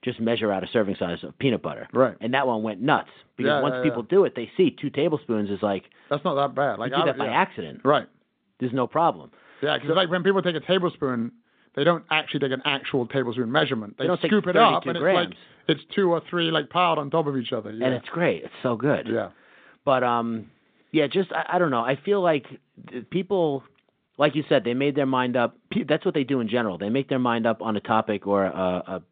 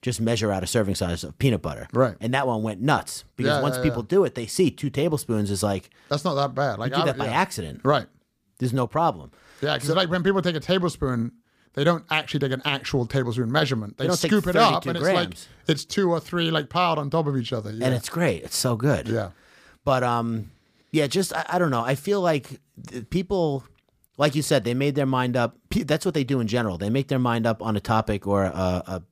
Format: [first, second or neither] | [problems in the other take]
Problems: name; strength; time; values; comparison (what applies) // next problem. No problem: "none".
second | phone-call audio; nothing above 3.5 kHz